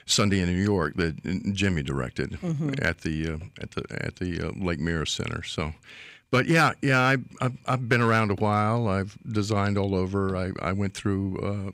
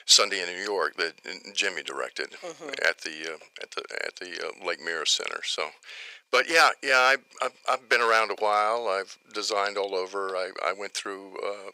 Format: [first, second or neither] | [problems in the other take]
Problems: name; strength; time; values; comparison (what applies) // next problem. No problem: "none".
first | thin; very; fading below 500 Hz